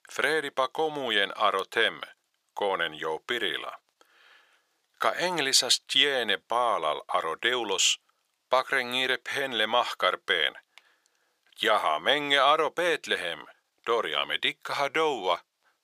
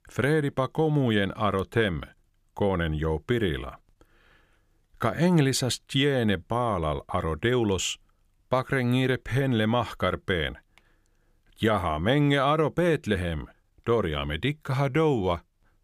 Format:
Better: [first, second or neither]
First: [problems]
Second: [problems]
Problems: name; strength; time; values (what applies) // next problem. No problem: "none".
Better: second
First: thin; very; fading below 700 Hz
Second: none